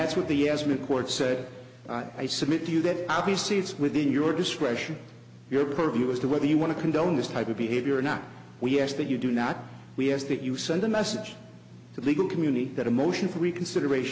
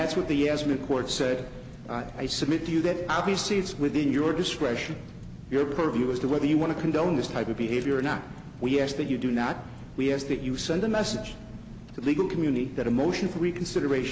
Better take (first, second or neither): first